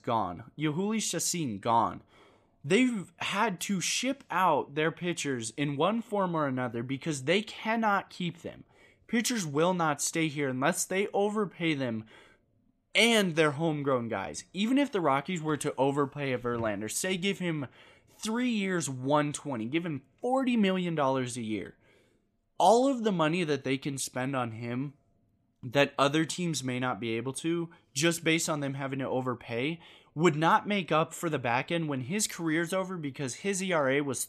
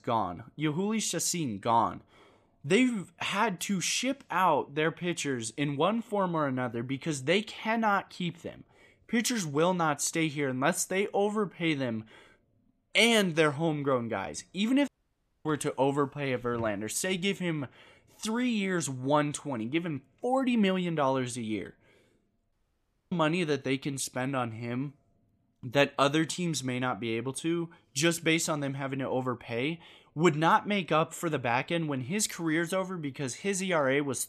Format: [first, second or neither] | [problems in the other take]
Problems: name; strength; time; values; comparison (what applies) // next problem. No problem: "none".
first | audio cutting out; at 15 s for 0.5 s and at 23 s for 0.5 s